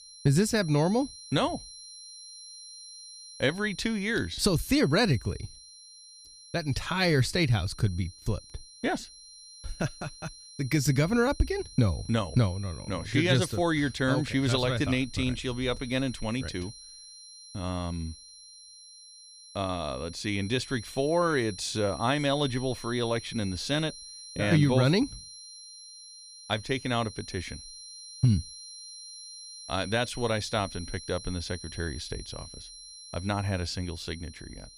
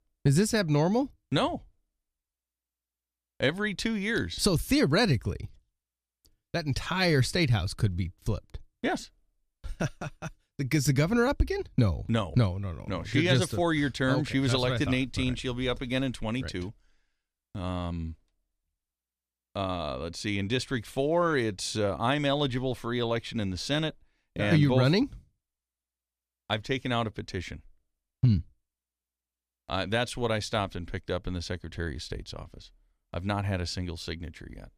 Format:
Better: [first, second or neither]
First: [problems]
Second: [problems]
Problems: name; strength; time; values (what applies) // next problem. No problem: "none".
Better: second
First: high-pitched whine; noticeable; throughout; 4 kHz, 15 dB below the speech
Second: none